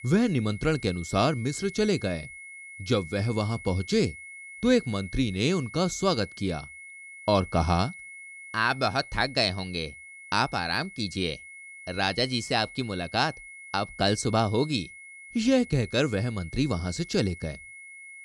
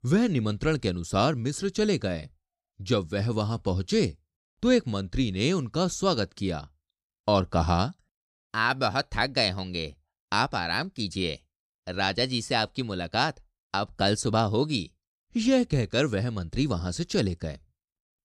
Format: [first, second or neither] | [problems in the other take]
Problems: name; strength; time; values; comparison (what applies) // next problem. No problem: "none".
second | high-pitched whine; noticeable; throughout; 2 kHz, 15 dB below the speech